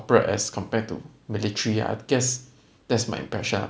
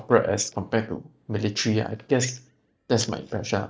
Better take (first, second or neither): first